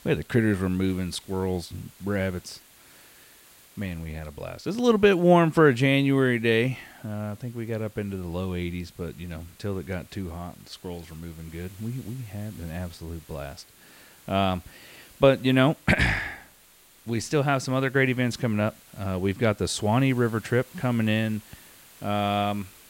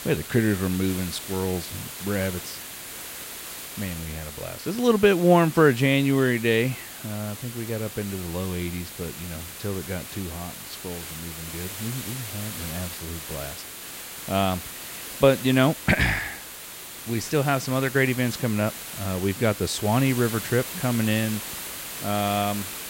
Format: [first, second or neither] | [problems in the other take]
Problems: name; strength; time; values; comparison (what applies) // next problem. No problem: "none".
first | hiss; loud; throughout; 10 dB below the speech; faint in the first